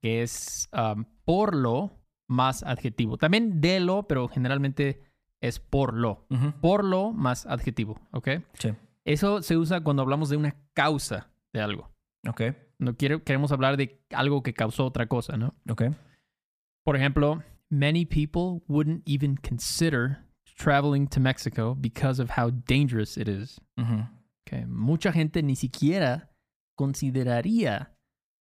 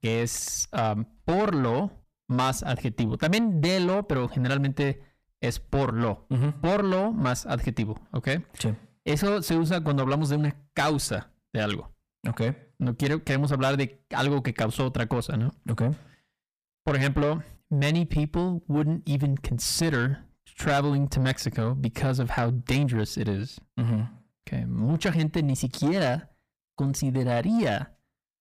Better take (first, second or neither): first